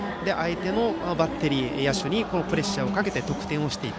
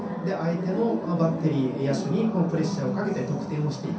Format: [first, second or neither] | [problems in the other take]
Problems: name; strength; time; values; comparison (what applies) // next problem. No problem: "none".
first | room echo; dies away in 0.6 s